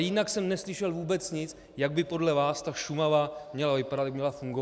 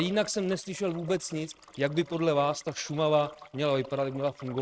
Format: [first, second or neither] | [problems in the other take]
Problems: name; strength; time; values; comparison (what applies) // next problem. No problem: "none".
first | noise reduction (neural mask model RNNoise)